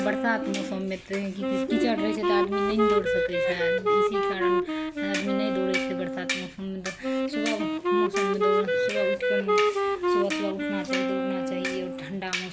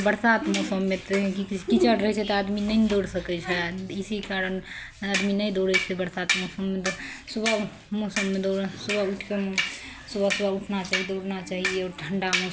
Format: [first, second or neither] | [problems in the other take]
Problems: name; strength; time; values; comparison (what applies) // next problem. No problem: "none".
second | background sound (Wind instrument, woodwind instrument); 4 dB above the speech